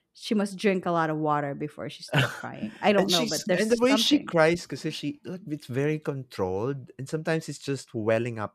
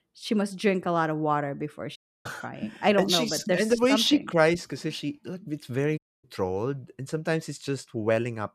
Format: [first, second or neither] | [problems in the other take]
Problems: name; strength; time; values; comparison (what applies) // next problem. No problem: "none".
first | audio cutting out; at 2 s and at 6 s